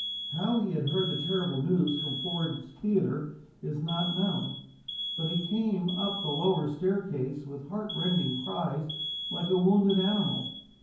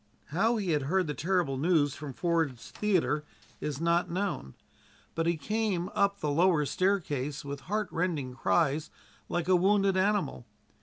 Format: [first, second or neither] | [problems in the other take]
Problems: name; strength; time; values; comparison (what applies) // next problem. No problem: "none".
second | background sound (Alarm); 9 dB below the speech // room echo; dies away in 0.9 s